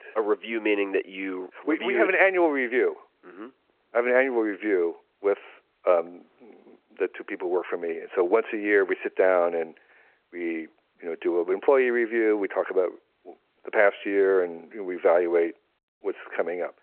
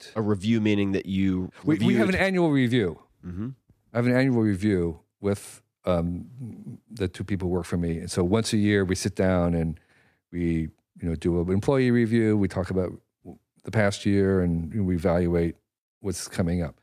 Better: second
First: phone-call audio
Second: none

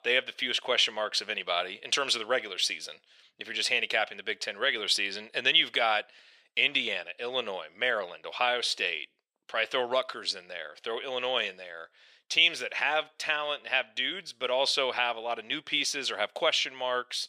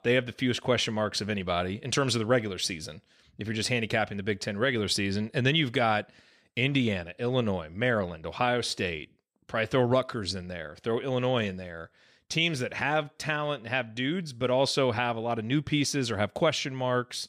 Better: second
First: thin; very; fading below 600 Hz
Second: none

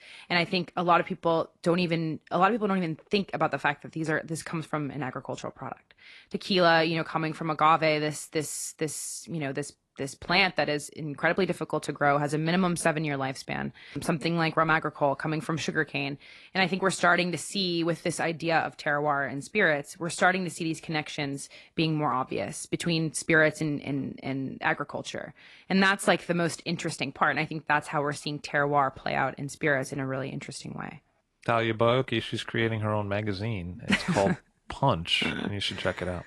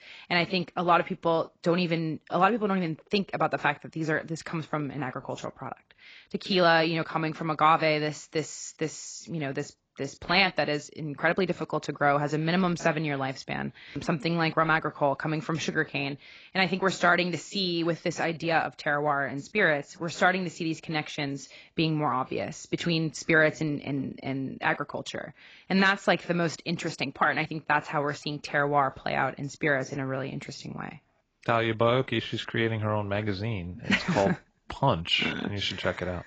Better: first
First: garbled, watery; slightly; nothing above 11 kHz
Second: garbled, watery; badly; nothing above 7.5 kHz

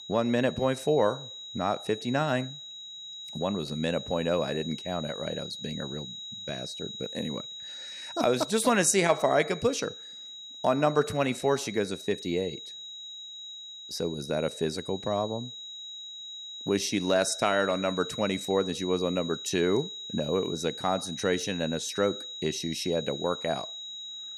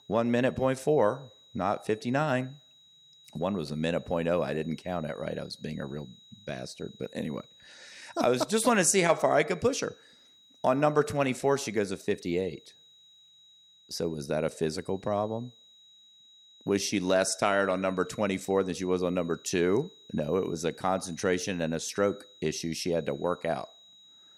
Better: second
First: high-pitched whine; loud; throughout; 4 kHz, 10 dB below the speech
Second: high-pitched whine; faint; throughout; 4 kHz, 25 dB below the speech

